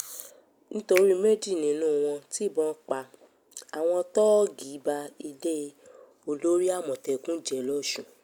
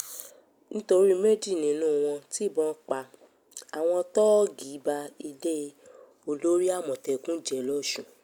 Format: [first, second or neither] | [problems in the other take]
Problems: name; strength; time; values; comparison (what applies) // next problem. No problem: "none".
second | background sound (Finger snapping); 8 dB below the speech